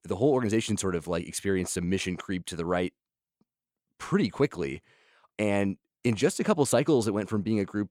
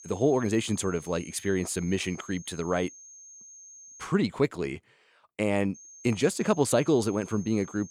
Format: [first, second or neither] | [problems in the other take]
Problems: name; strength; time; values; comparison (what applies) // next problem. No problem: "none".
first | high-pitched whine; noticeable; until 4 s and from 6 s on; 6.5 kHz, 20 dB below the speech